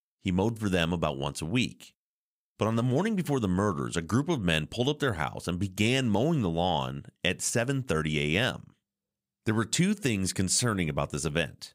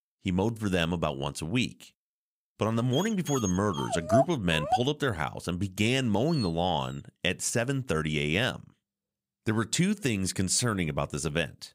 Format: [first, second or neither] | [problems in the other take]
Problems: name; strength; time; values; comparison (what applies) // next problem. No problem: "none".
first | dog barking; loud; from 3 to 6.5 s; peak 2 dB above the speech